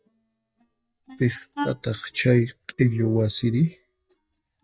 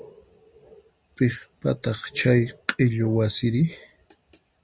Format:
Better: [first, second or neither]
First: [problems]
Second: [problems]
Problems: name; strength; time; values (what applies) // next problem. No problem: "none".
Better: second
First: noise reduction (neural mask model DeepFilterNet 3)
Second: none